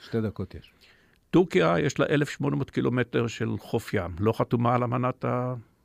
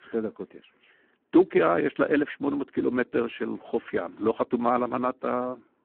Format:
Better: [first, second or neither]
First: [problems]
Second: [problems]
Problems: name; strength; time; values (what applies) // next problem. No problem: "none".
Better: first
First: none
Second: phone-call audio; poor line